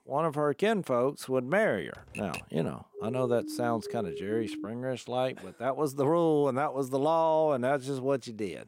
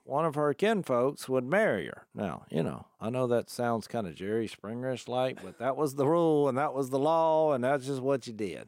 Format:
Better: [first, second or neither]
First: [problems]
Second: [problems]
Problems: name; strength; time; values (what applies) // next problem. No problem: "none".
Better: second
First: keyboard typing; faint; at 2 s; peak 10 dB below the speech // siren; noticeable; from 3 to 4.5 s; peak 9 dB below the speech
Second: none